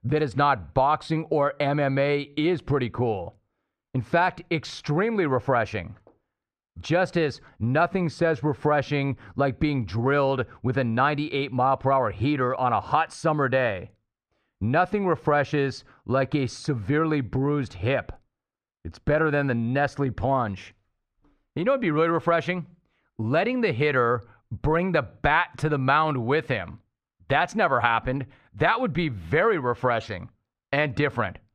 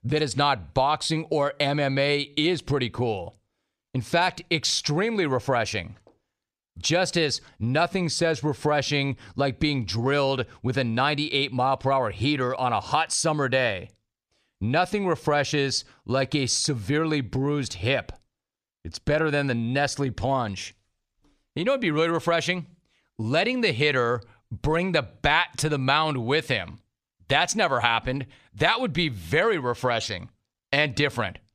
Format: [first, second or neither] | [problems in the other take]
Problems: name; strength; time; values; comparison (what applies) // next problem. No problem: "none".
second | muffled; very; fading above 3 kHz